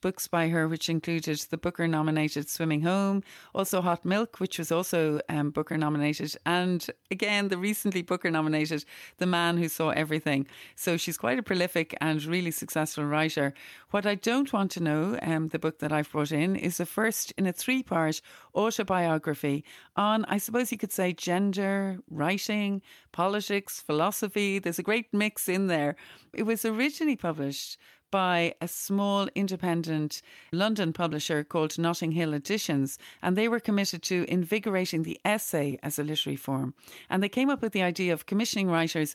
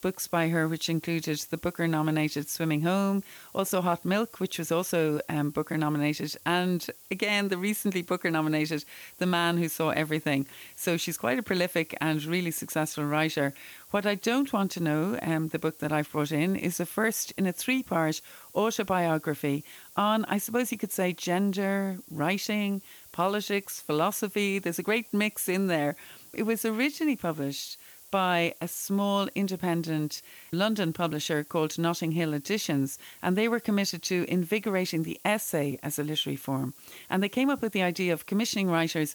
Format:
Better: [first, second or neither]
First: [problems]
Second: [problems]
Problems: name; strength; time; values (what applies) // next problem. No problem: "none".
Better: first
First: none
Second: hiss; noticeable; throughout; 20 dB below the speech